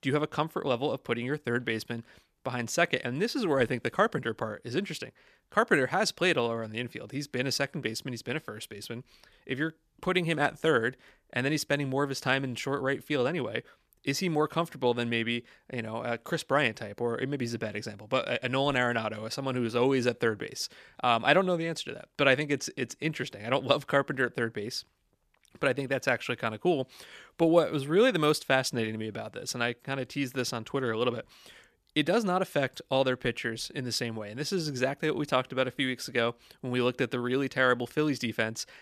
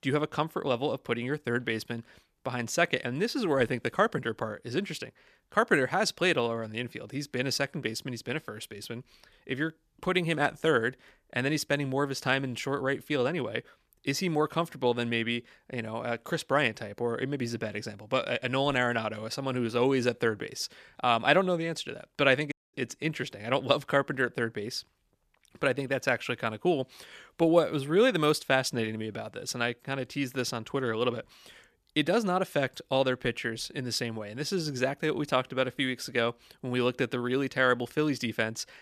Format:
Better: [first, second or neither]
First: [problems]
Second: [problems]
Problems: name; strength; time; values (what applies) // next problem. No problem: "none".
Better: first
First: none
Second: audio cutting out; at 23 s